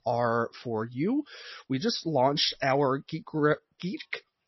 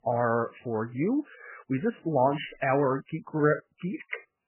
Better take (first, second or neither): first